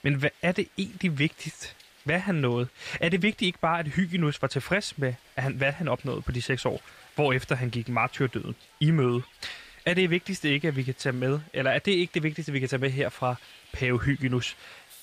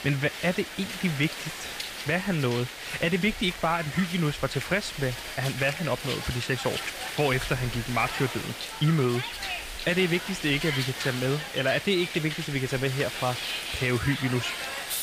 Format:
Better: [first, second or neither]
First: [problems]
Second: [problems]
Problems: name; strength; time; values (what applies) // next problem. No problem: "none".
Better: first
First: hiss; faint; throughout; 25 dB below the speech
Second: hiss; loud; throughout; 6 dB below the speech